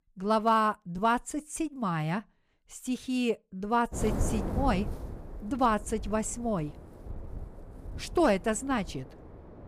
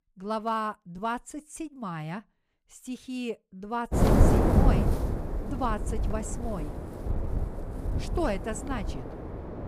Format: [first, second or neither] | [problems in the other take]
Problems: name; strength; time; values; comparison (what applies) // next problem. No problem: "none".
first | wind noise on the microphone; heavy; from 4 s on; 1 dB below the speech; occasional gusts in the first